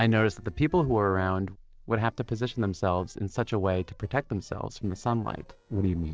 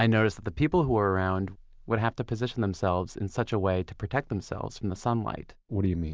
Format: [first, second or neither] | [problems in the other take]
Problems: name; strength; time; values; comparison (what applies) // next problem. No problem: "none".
second | noise reduction (neural separator model SepFormer DNS4)